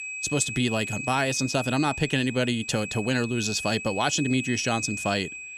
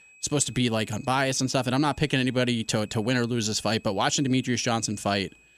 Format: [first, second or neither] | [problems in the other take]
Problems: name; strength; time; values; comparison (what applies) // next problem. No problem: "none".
second | high-pitched whine; loud; throughout; 2.5 kHz, 7 dB below the speech; faint in the second